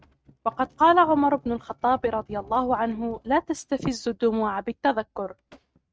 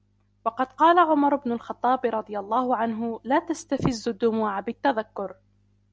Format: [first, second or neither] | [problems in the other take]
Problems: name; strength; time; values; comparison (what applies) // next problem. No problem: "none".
second | noise reduction (neural mask model RNNoise)